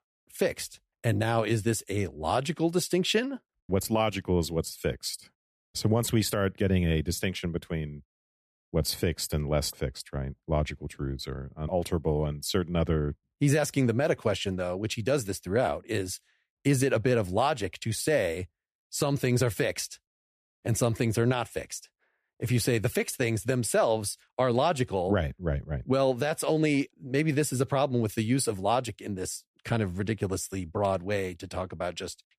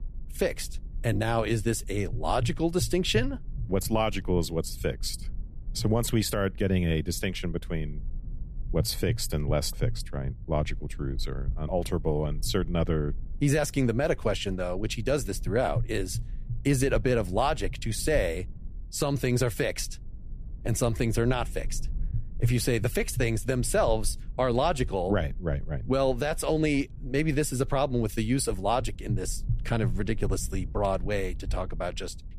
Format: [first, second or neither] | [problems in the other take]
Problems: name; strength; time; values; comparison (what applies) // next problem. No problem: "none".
first | low rumble; faint; throughout; 25 dB below the speech